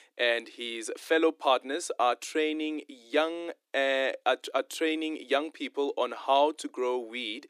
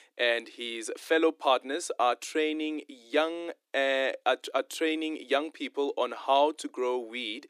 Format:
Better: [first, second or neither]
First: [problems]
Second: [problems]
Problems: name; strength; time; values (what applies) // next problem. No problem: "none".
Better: neither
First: thin; somewhat; fading below 300 Hz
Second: thin; somewhat; fading below 300 Hz